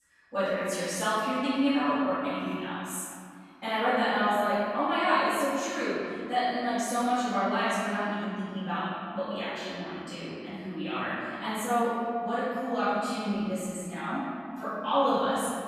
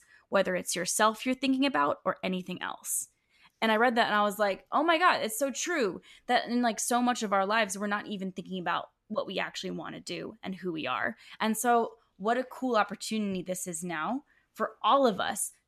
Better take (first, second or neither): second